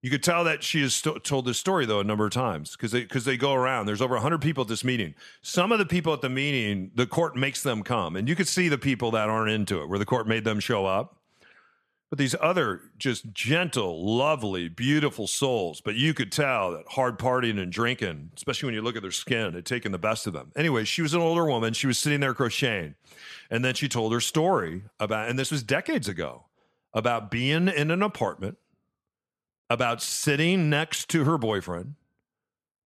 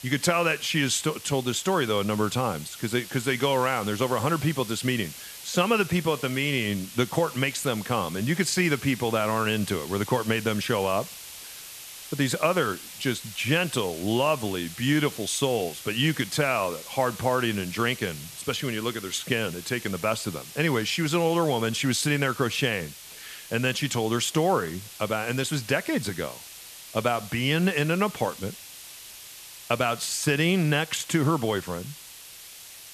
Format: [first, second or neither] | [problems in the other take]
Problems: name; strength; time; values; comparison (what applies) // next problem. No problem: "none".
first | hiss; noticeable; throughout; 15 dB below the speech